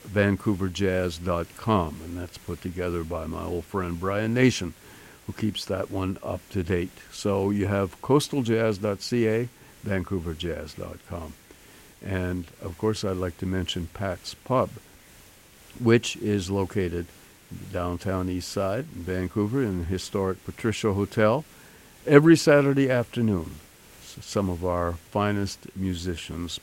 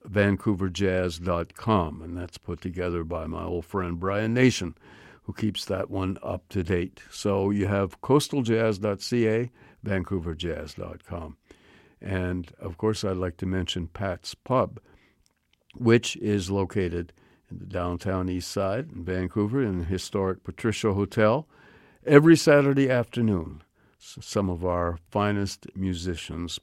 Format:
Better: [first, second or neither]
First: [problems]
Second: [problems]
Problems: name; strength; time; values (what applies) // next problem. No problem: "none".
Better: second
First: hiss; faint; throughout; 25 dB below the speech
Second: none